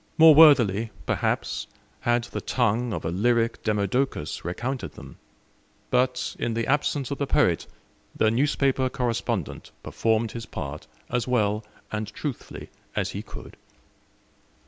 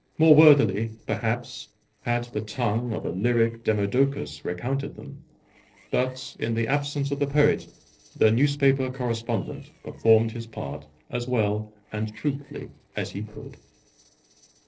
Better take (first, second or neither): first